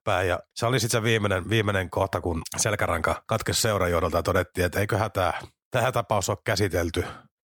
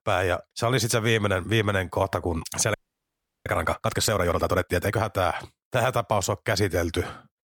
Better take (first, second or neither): first